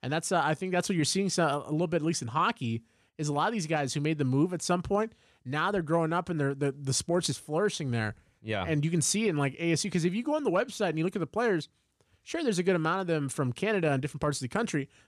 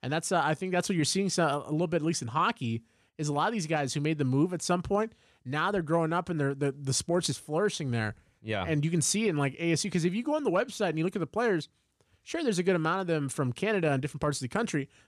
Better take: neither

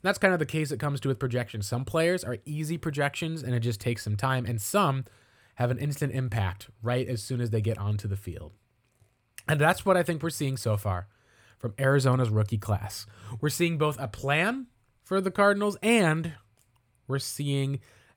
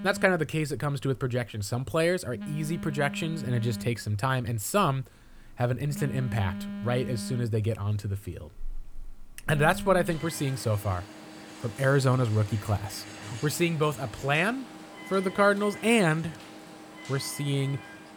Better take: first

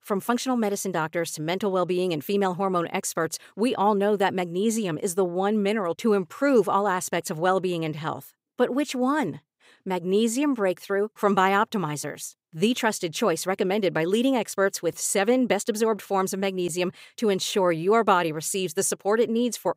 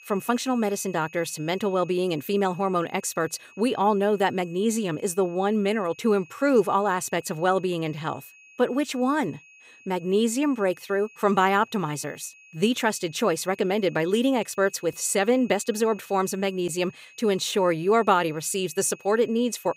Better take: first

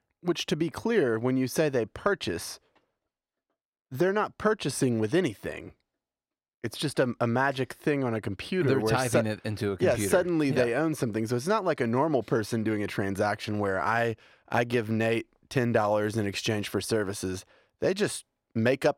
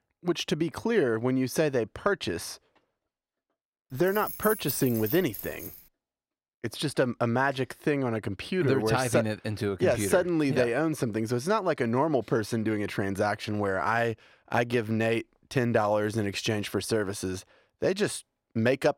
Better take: first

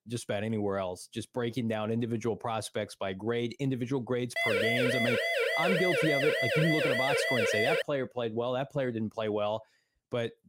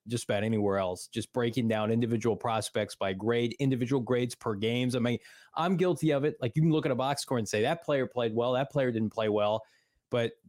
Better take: second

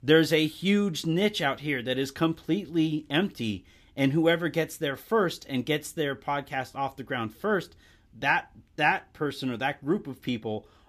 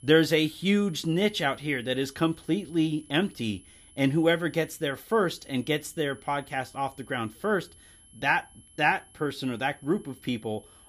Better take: first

